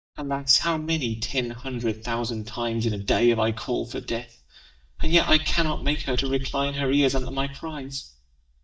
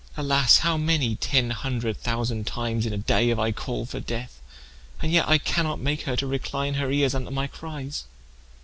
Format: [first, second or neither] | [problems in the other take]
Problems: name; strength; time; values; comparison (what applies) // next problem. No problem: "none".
second | noise reduction (neural mask model DeepFilterNet 3)